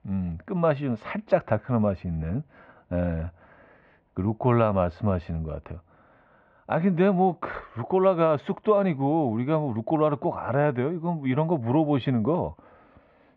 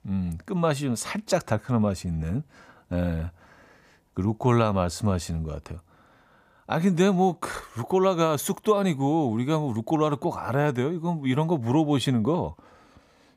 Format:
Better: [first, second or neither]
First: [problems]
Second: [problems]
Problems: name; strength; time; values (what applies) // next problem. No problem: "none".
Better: second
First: muffled; very; fading above 2.5 kHz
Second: none